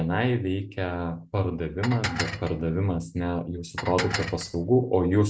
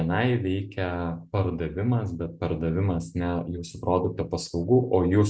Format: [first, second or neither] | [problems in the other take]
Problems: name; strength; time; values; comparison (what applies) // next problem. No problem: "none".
second | background sound (Dishes, pots, and pans); 8 dB below the speech